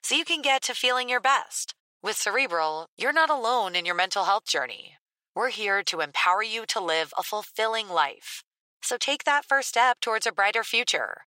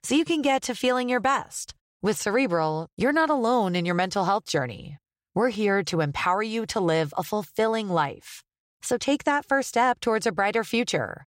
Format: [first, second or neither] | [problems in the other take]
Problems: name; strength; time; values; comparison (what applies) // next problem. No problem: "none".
second | thin; very; fading below 750 Hz